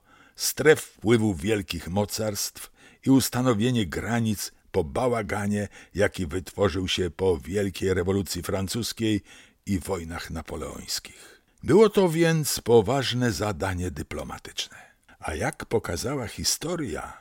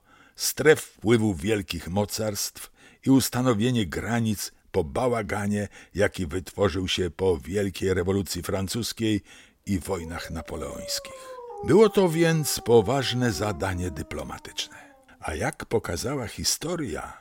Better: first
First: none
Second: dog barking; faint; from 9.5 to 15 s; peak 10 dB below the speech

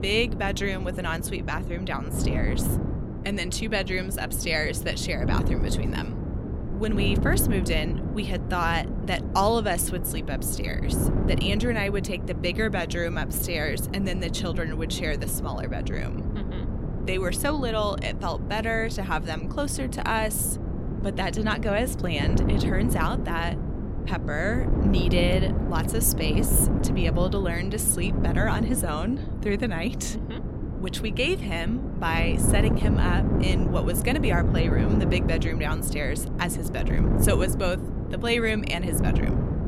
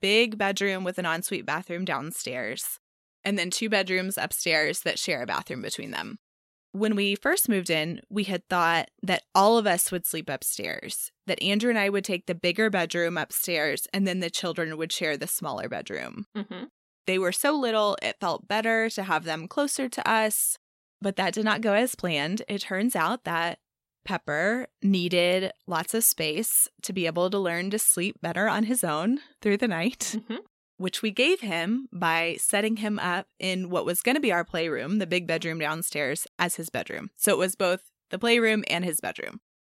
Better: second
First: wind noise on the microphone; heavy; 7 dB below the speech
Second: none

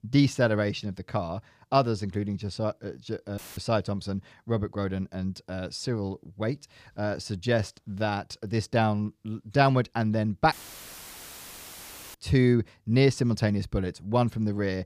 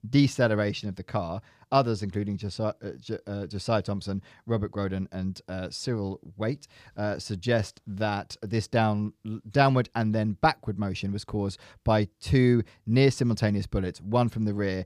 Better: second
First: audio cutting out; filled with static; at 3.5 s and at 11 s for 1.5 s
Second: none

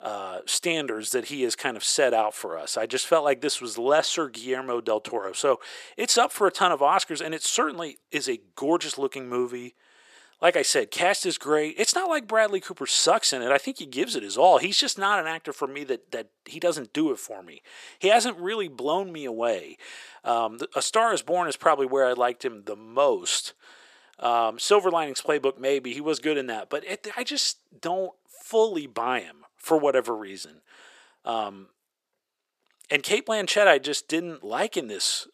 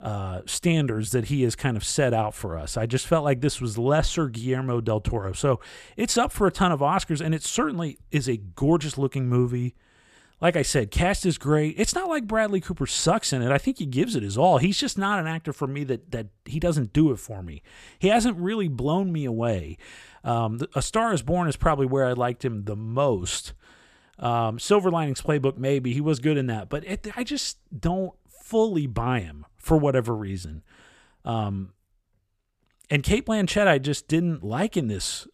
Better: second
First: thin; very; fading below 400 Hz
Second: none

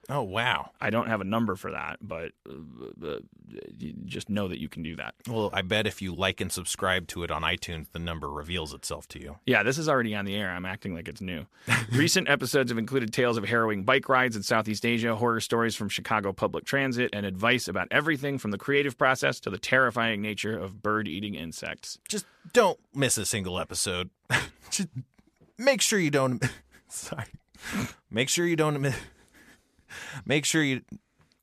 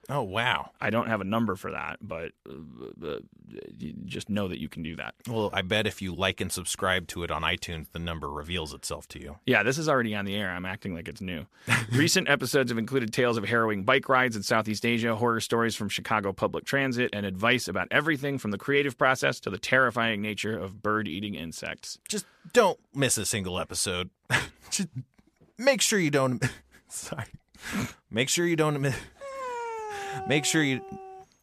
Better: first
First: none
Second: dog barking; noticeable; from 29 s on; peak 7 dB below the speech

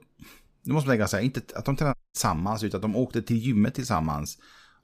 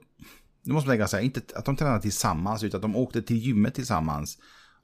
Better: second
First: audio cutting out; at 2 s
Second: none

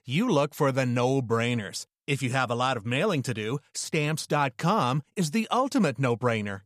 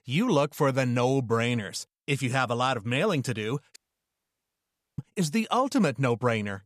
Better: first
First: none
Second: audio cutting out; at 4 s for 1 s

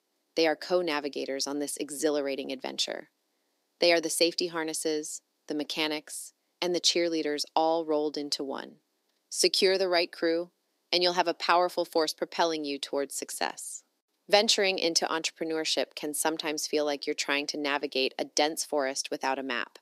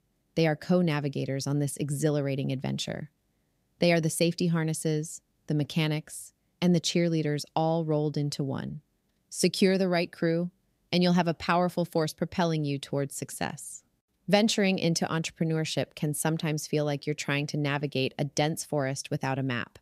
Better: second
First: thin; somewhat; fading below 300 Hz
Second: none

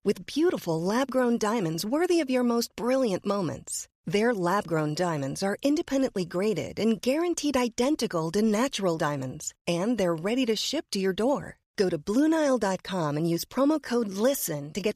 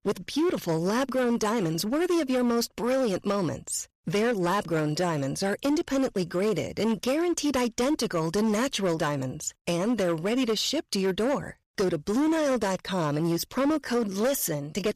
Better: first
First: none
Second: distortion; slight; 15% of the sound clipped

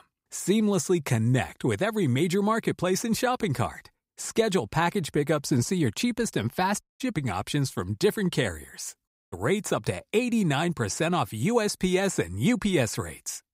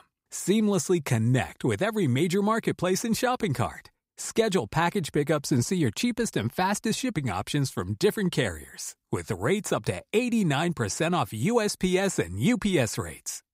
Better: second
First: audio cutting out; at 7 s and at 9 s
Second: none

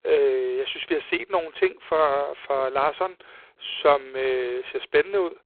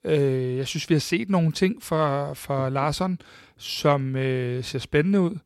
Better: second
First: phone-call audio; poor line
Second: none

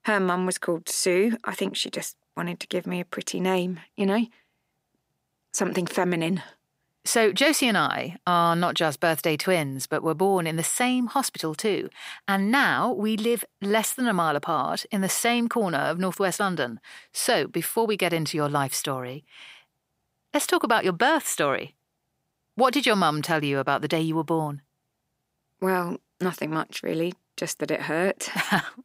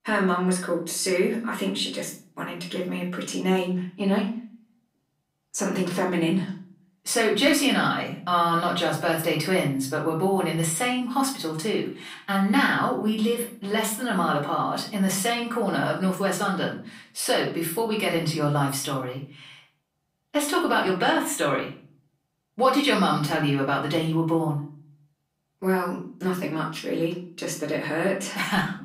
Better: first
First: none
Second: off-mic speech; far // room echo; slight; dies away in 0.4 s

